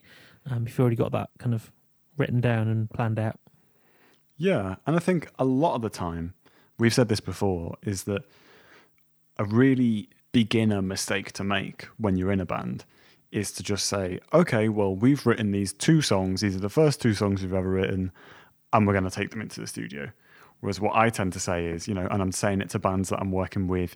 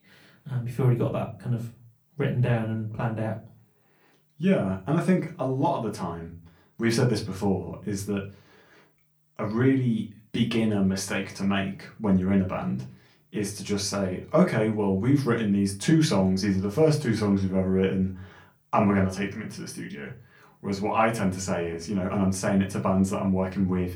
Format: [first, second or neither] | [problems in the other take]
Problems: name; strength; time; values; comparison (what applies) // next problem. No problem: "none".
first | off-mic speech; far // room echo; very slight; dies away in 0.3 s